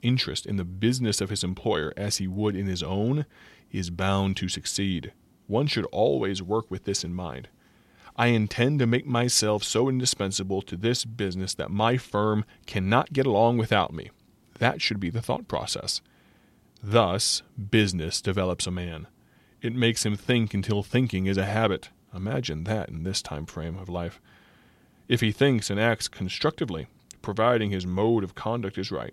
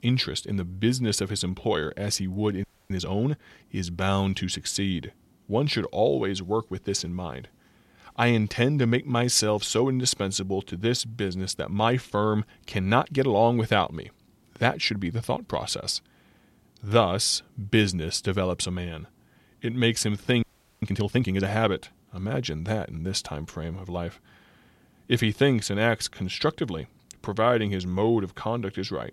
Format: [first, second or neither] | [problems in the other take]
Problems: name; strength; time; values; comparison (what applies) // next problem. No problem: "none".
first | audio freezing; at 2.5 s and at 20 s